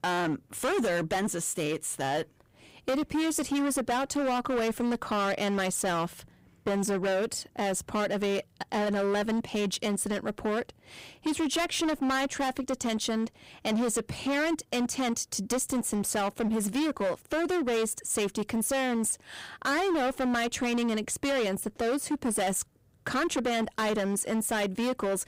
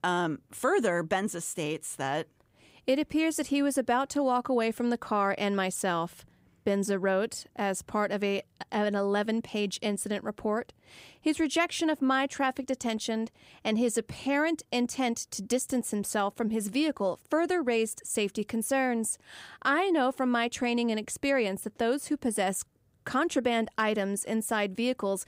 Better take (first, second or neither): second